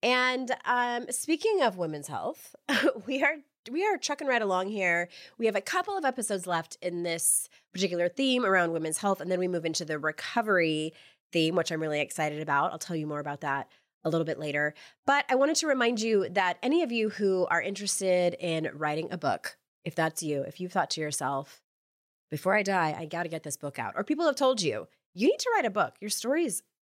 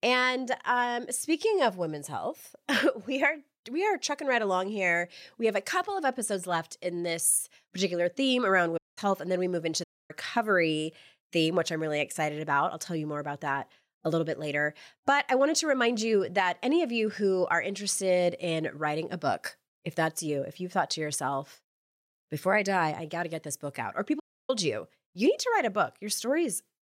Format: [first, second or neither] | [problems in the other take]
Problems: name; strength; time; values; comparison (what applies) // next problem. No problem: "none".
first | audio cutting out; at 9 s, at 10 s and at 24 s